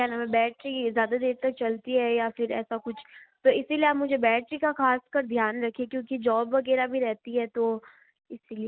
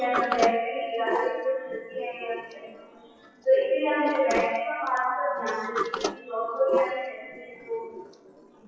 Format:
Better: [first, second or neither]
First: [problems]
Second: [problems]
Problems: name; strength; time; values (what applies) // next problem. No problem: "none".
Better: first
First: none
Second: noise reduction (classical method WPE with log-MMSE)